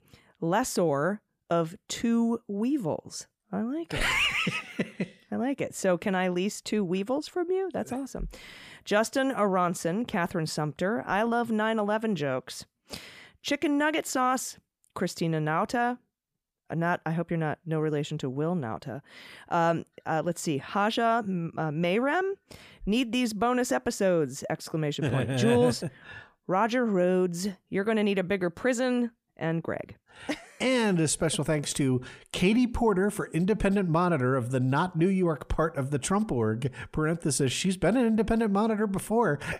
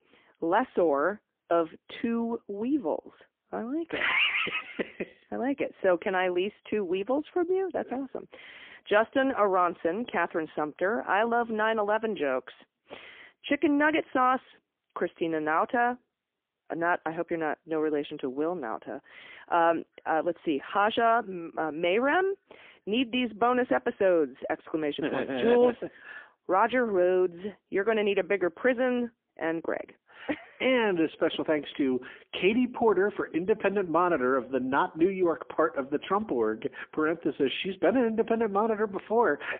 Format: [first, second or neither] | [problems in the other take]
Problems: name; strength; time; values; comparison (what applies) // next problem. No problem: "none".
first | phone-call audio; poor line; nothing above 3.5 kHz